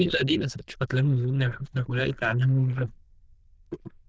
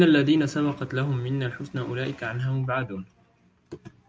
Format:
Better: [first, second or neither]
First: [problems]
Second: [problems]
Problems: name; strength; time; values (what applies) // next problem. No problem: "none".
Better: second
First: noise reduction (neural diffusion model UNIVERSE++)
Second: none